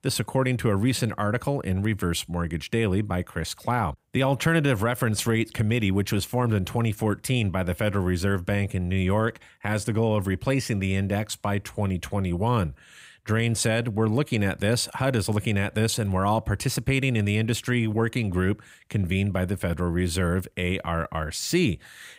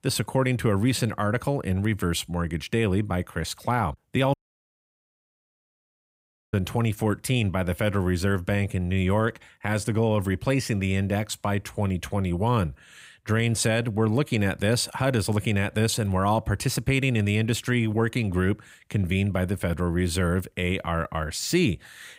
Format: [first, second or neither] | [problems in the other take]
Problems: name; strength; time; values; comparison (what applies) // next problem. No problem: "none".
first | audio cutting out; at 4.5 s for 2 s